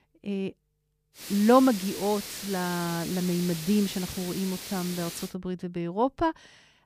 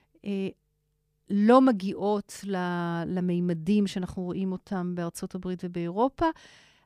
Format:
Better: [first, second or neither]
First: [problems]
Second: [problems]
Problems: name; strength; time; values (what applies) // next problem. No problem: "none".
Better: second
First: hiss; loud; from 1 to 5.5 s; 9 dB below the speech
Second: none